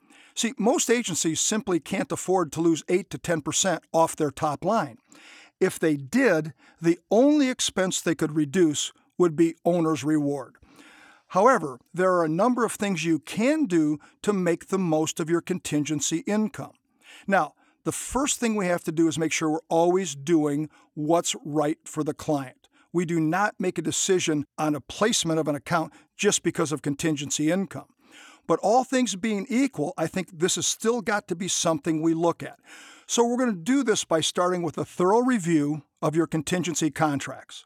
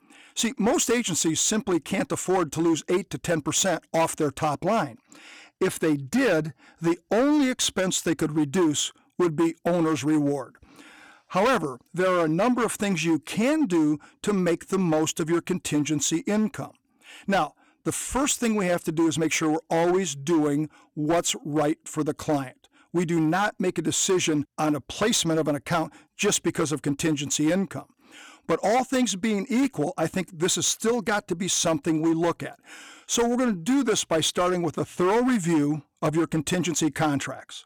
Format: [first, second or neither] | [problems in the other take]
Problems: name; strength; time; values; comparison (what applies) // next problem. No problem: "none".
first | distortion; slight; 9% of the sound clipped